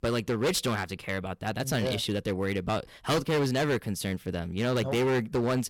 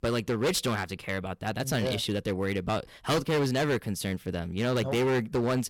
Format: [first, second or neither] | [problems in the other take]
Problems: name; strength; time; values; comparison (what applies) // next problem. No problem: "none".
neither | distortion; heavy; 13% of the sound clipped; the same in both